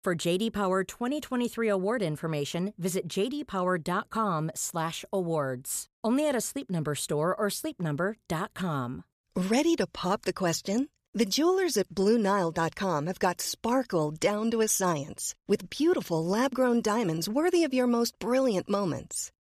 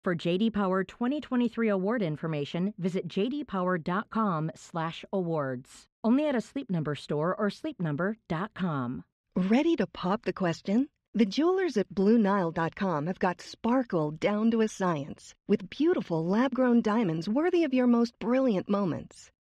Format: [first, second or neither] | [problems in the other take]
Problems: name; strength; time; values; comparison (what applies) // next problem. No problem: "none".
first | muffled; slightly; fading above 3 kHz